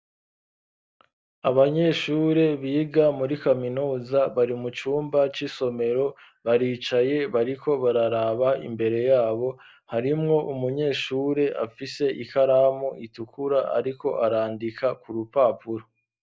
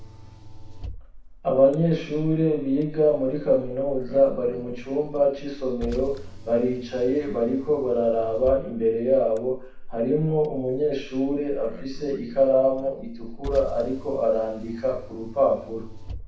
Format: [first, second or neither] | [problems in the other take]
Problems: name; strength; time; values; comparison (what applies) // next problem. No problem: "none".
first | background sound (Car); 13 dB below the speech // room echo; dies away in 0.6 s